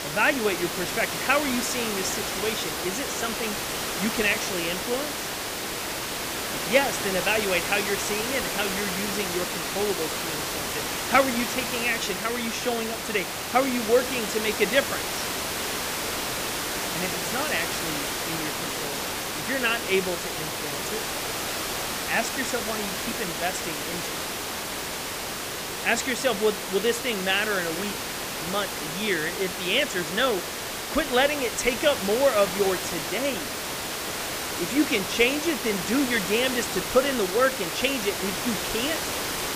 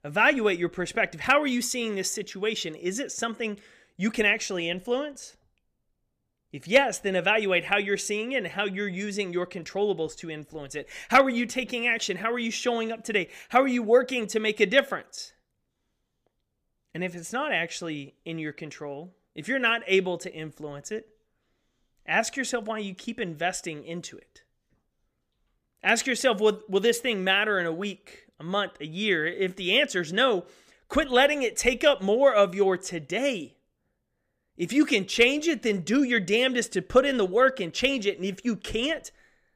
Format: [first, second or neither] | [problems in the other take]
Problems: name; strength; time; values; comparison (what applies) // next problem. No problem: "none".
second | hiss; loud; throughout; 2 dB below the speech